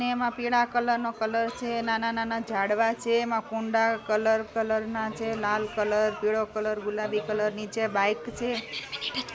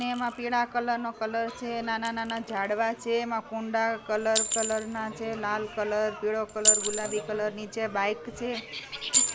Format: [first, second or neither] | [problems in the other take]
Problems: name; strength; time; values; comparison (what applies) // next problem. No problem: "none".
first | background sound (Chink, clink); 3 dB below the speech